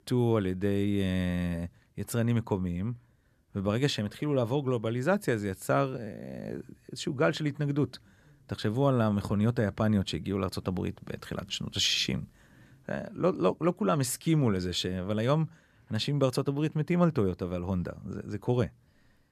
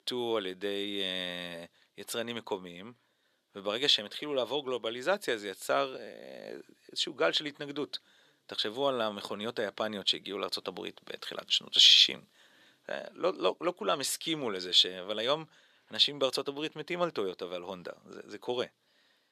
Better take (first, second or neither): first